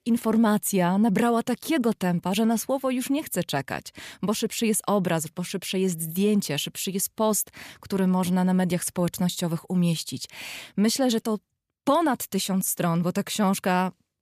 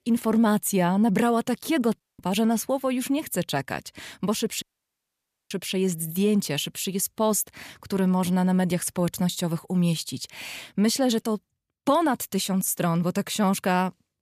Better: first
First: none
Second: audio cutting out; at 2 s and at 4.5 s for 1 s

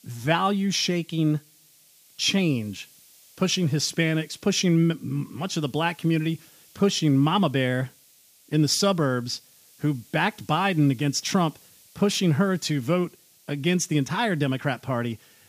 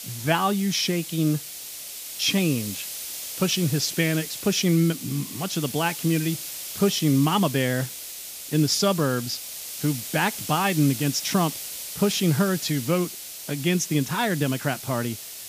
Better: first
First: hiss; faint; throughout; 30 dB below the speech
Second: hiss; loud; throughout; 8 dB below the speech

